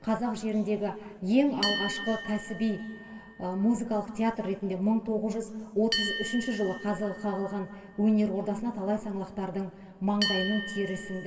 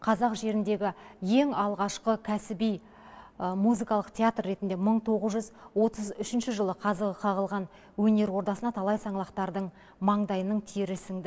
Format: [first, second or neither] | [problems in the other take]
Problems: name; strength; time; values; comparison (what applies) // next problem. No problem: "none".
second | background sound (Bell); 9 dB below the speech // room echo; dies away in 1.8 s